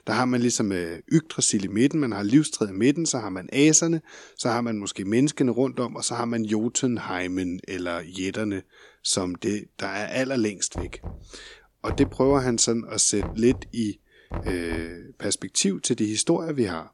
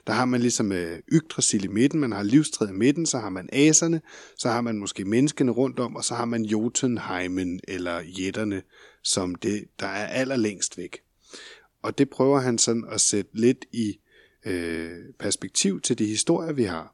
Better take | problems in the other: second | door banging; faint; from 11 to 15 s; peak 10 dB below the speech

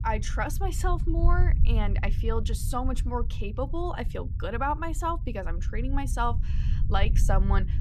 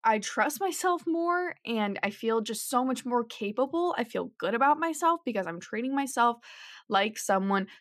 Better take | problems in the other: second | low rumble; noticeable; throughout; 15 dB below the speech

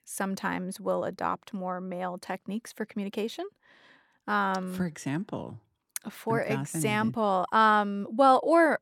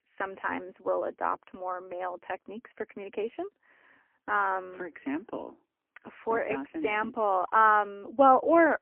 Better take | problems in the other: first | phone-call audio; poor line; nothing above 2.5 kHz

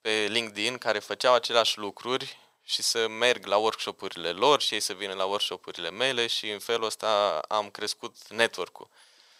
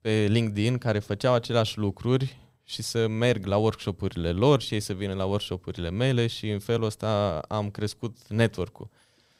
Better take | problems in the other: second | thin; very; fading below 600 Hz

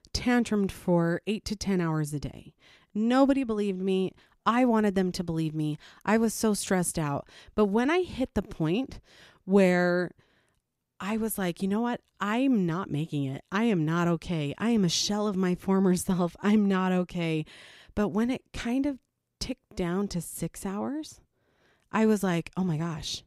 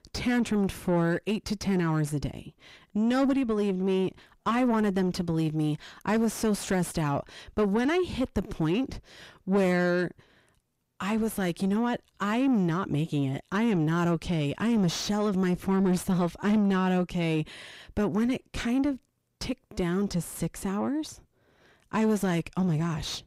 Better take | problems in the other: first | distortion; slight; 9 dB below the speech

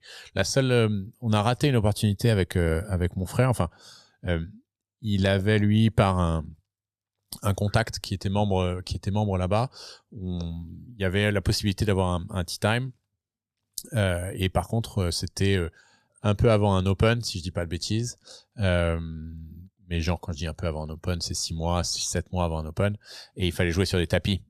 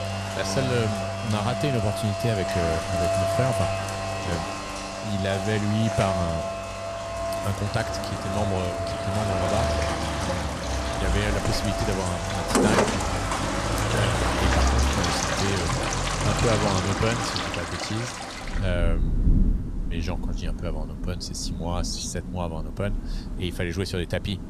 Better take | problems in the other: first | rain or running water; very loud; throughout; 2 dB above the speech

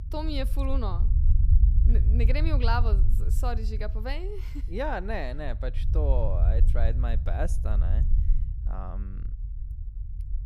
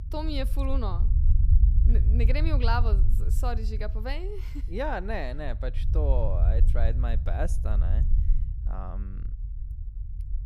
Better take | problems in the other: neither | low rumble; noticeable; throughout; 10 dB below the speech; the same in both

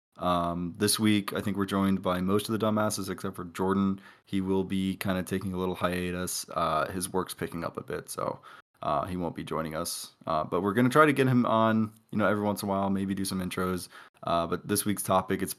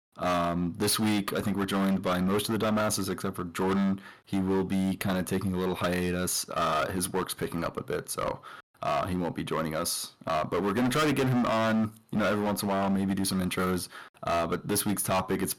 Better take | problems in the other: first | distortion; heavy; 15% of the sound clipped

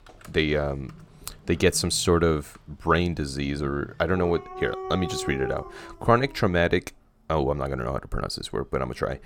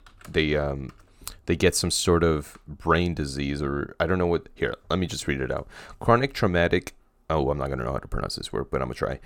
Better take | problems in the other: second | animal sounds; noticeable; throughout; 15 dB below the speech

